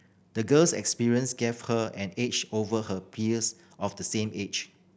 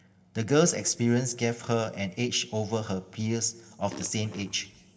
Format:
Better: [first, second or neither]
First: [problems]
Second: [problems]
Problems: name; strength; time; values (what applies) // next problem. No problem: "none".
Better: first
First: none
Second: background sound (Fart); 17 dB below the speech // room echo; dies away in 0.8 s